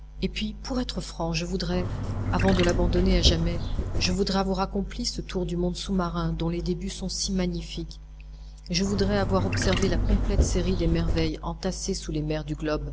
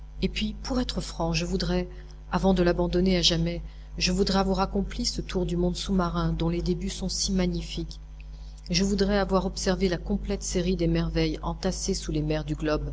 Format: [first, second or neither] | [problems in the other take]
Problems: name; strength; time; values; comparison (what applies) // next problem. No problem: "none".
second | background sound (Trickle, dribble / Chirp, tweet); 2 dB above the speech